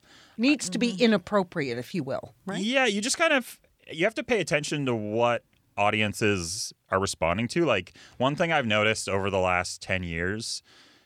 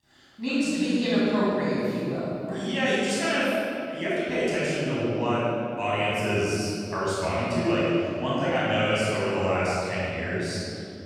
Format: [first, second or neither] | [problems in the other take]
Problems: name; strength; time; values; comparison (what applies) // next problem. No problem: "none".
first | off-mic speech; far // room echo; strong; dies away in 2.7 s